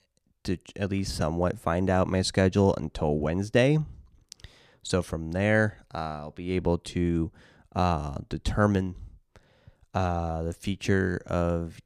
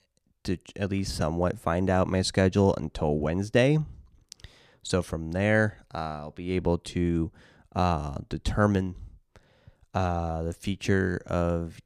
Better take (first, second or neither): neither